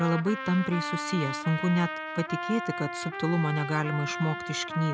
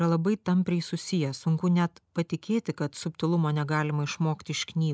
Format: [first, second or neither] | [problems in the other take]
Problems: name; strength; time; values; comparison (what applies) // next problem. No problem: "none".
second | background sound (Trumpet); 6 dB below the speech